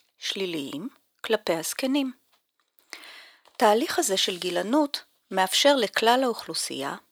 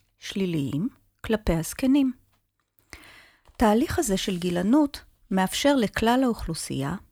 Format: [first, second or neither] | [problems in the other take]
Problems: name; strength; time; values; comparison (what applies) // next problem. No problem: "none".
second | thin; somewhat; fading below 450 Hz